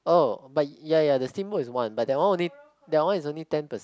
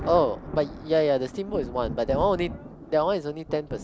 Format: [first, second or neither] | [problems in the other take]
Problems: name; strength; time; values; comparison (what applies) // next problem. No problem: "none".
first | background sound (Thunder); 11 dB below the speech